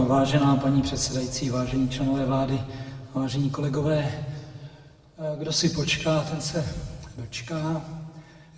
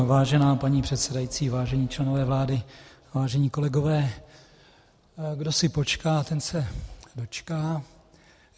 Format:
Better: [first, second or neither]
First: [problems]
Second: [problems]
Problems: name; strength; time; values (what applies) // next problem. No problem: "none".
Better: second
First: room echo; dies away in 1.6 s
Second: none